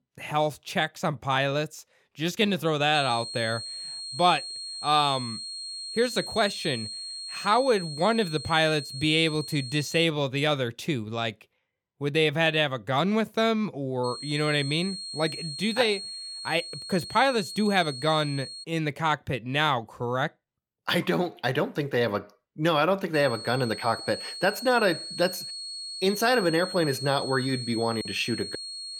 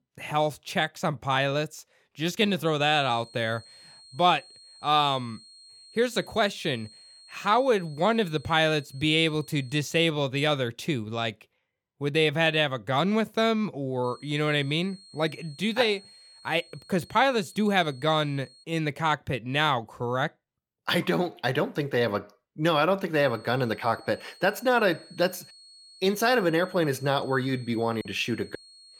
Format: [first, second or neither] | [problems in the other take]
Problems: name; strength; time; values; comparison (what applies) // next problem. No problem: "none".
second | high-pitched whine; loud; from 3 to 10 s, from 14 to 19 s and from 23 s on; 4.5 kHz, 9 dB below the speech; faint in the second